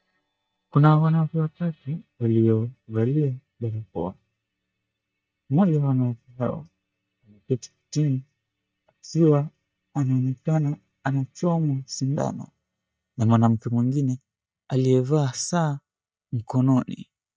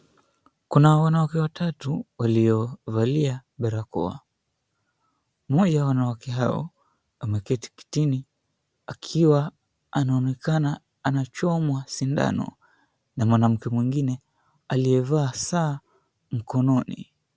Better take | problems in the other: second | noise reduction (neural mask model DeepFilterNet 3)

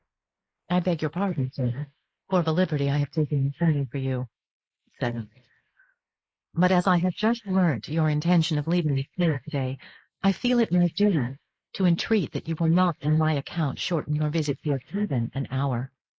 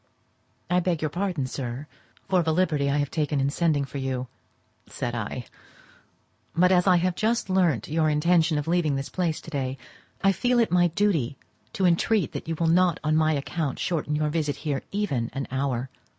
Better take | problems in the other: second | noise reduction (neural mask model Resemble Enhance denoiser)

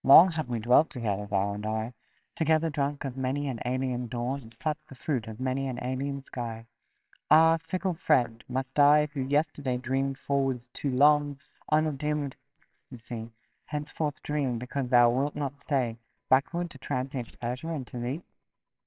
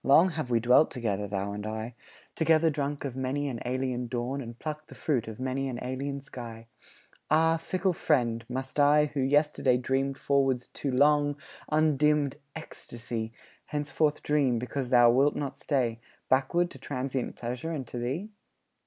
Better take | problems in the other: second | noise reduction (neural separator model SepFormer WHAMR!)

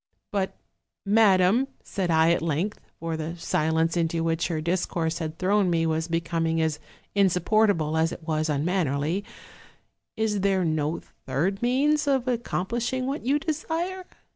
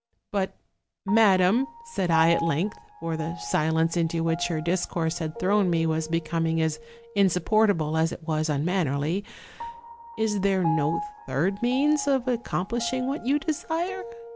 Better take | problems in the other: first | background sound (Piano); 13 dB below the speech

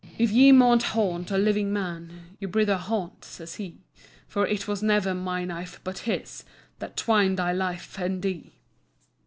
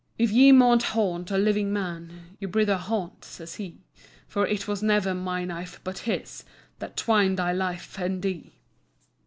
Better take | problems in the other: second | background sound (Strum); 18 dB below the speech

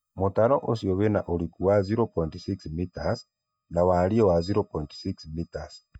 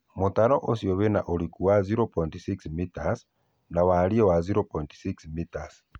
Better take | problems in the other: second | noise reduction (neural mask model DeepFilterNet 3)

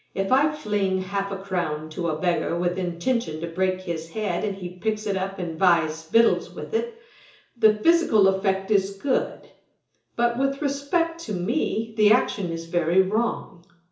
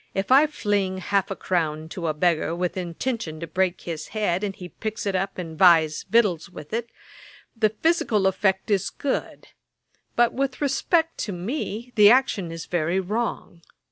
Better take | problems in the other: second | room echo; dies away in 0.7 s

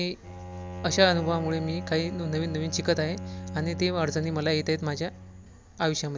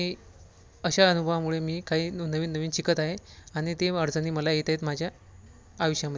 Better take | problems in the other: second | background sound (Bowed string instrument); 10 dB below the speech

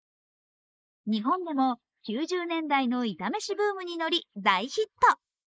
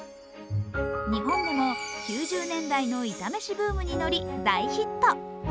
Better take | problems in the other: second | noise reduction (neural mask model Resemble Enhance denoiser)

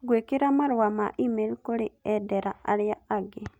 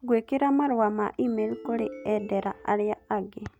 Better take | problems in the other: first | background sound (Ringtone); 15 dB below the speech

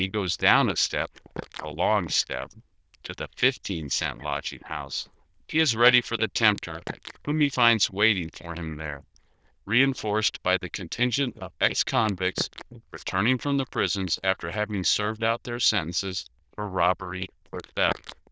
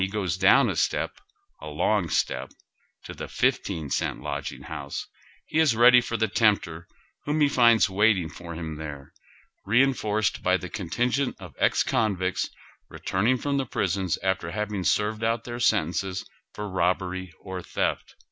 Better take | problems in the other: second | noise reduction (neural diffusion model UNIVERSE++)

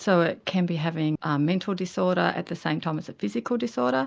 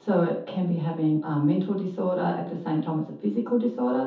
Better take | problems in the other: first | room echo; dies away in 0.5 s

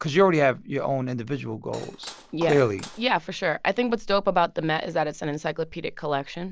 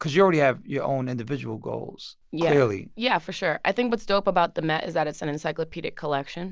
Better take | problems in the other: second | background sound (Cutlery, silverware / Dishes, pots, and pans); 19 dB below the speech

